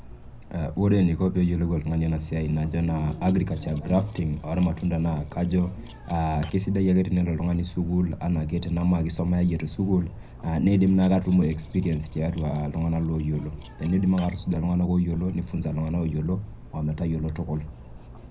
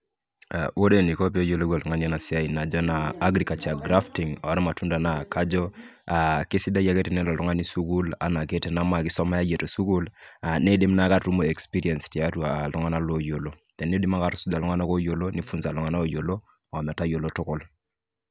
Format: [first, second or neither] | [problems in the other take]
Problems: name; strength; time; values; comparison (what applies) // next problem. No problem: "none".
second | background sound (Cutlery, silverware); 17 dB below the speech // room echo; dies away in 0.4 s